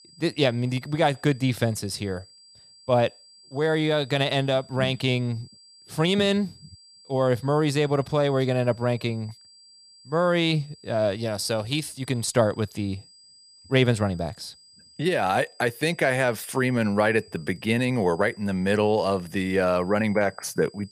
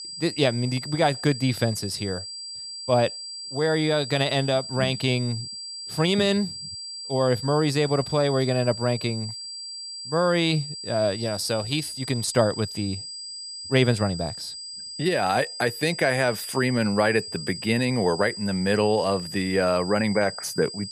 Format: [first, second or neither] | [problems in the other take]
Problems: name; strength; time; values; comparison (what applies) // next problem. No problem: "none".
first | high-pitched whine; loud; throughout; 4.5 kHz, 9 dB below the speech; faint in the first